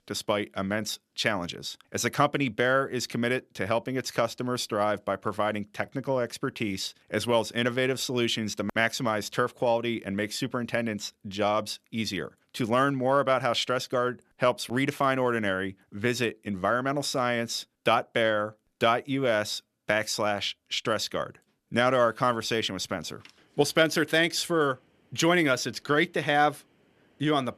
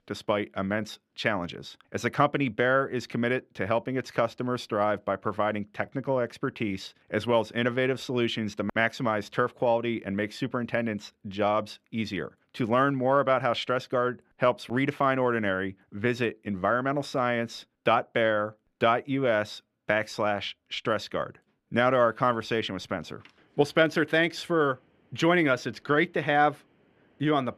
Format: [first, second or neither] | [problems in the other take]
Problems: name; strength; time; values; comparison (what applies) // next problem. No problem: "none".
first | muffled; slightly; fading above 4 kHz